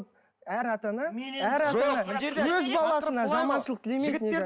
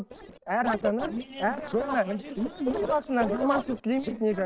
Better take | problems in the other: first | noise reduction (neural separator model SepFormer DNS4)

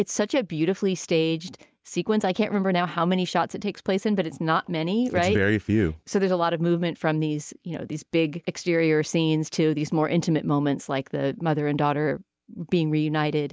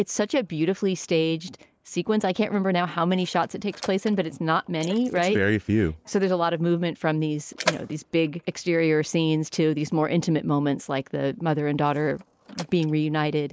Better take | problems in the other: first | noise reduction (neural mask model Resemble Enhance denoiser)

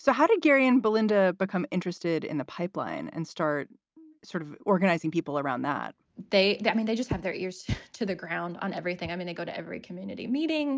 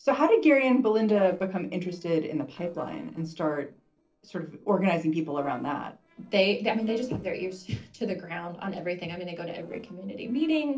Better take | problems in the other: first | noise reduction (neural separator model SepFormer DNS4)

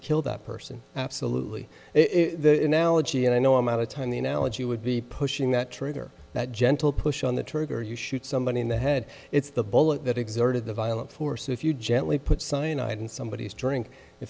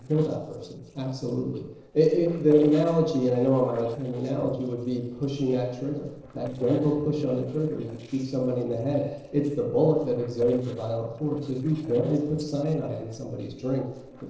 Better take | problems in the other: first | noise reduction (neural separator model SepFormer DNS4)

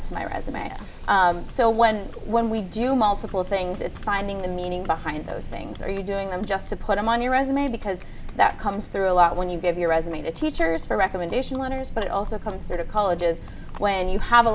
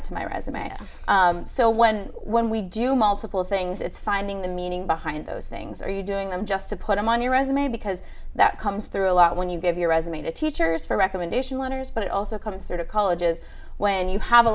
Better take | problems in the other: second | background sound (Wind + Livestock, farm animals, working animals); 18 dB below the speech

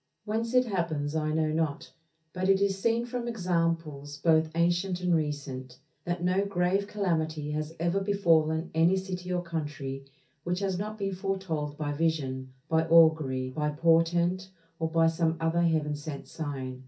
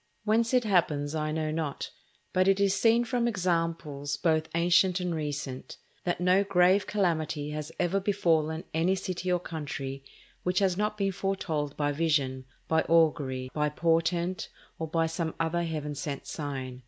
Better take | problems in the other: second | room echo; dies away in 0.3 s

